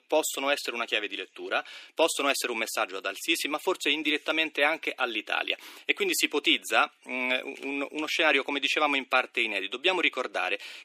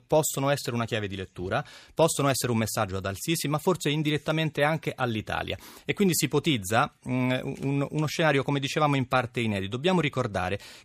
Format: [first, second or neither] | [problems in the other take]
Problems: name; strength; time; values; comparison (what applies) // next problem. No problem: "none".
second | thin; somewhat; fading below 300 Hz